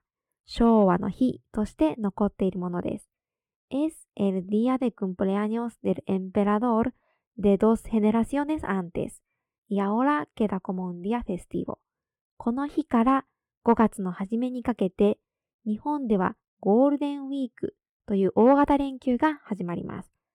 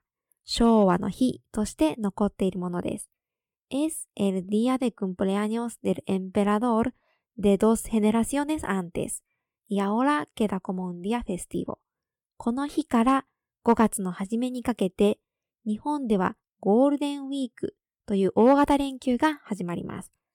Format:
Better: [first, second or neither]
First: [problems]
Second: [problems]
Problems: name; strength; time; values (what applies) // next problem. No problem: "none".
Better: second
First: muffled; slightly; fading above 3.5 kHz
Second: none